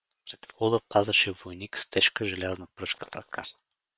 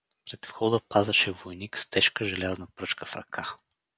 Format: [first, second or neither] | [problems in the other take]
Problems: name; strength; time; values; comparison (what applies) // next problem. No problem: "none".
second | noise reduction (neural separator model SepFormer WHAM!)